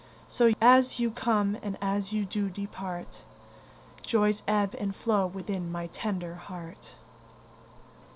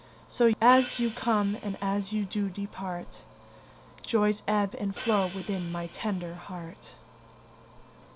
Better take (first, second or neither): first